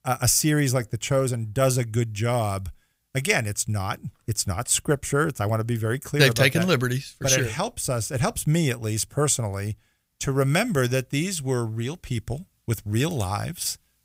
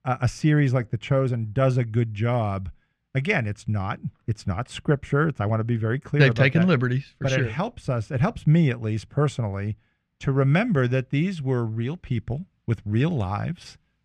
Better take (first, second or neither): first